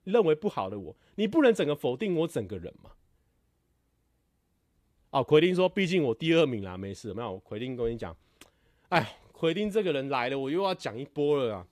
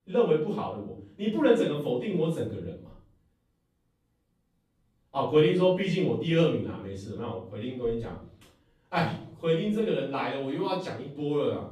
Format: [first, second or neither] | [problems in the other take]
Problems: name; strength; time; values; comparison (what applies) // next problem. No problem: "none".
first | off-mic speech; far // room echo; noticeable; dies away in 0.5 s